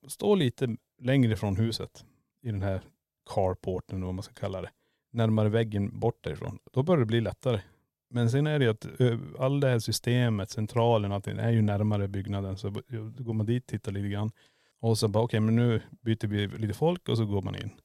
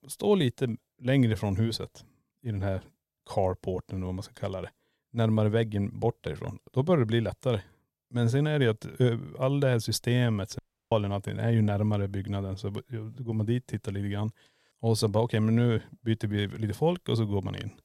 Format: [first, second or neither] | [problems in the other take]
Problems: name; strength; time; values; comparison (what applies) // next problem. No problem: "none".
first | audio cutting out; at 11 s